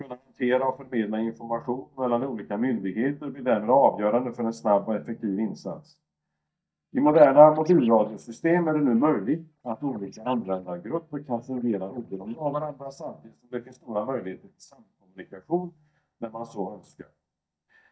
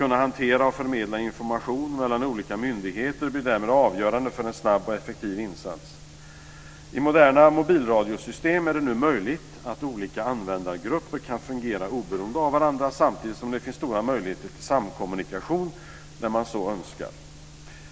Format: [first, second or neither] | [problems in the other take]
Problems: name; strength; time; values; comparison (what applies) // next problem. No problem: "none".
second | noise reduction (neural mask model DeepFilterNet 3)